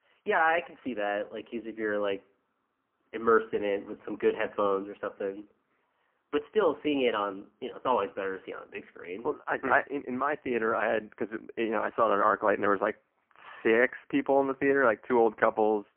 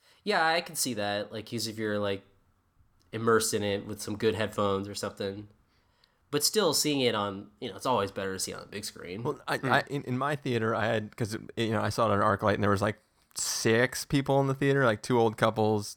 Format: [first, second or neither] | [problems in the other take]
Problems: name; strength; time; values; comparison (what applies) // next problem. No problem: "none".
second | phone-call audio; poor line; nothing above 3 kHz